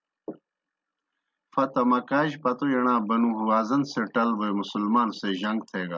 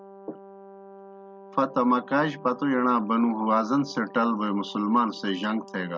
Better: first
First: none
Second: background sound (Brass instrument); 19 dB below the speech

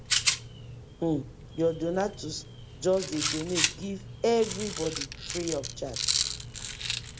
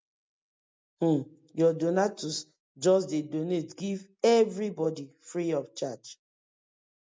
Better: second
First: background sound (Rattle); 2 dB below the speech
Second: none

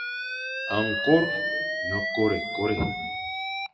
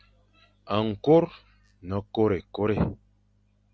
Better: second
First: noise reduction (classical method WPE with log-MMSE)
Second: none

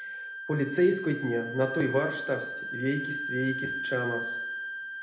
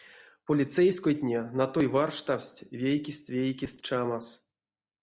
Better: second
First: background sound (Wind instrument, woodwind instrument); 5 dB below the speech // room echo; dies away in 0.7 s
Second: none

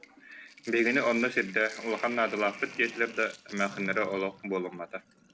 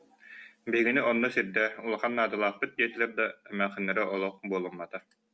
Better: second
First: background sound (Sink (filling or washing)); 17 dB below the speech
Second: none

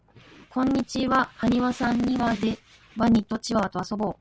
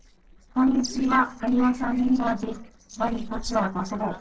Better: first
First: none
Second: noise reduction (neural separator model SepFormer DNS4)

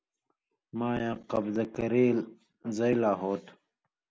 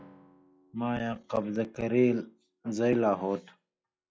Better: first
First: none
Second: noise reduction (classical method log-MMSE)

